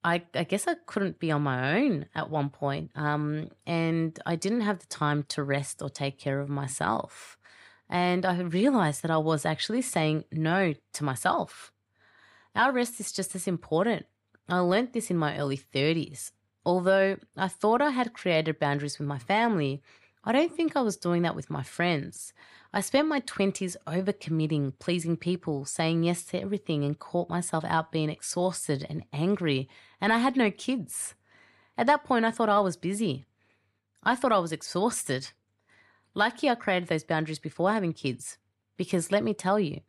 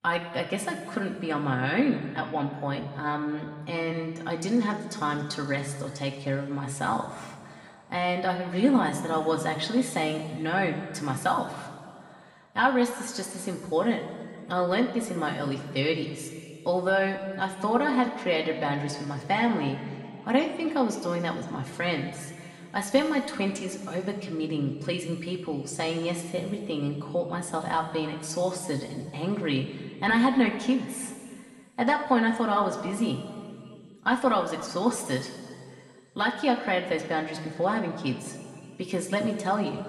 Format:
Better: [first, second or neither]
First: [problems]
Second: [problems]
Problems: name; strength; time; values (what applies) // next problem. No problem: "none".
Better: first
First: none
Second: room echo; slight; dies away in 2.1 s // off-mic speech; somewhat distant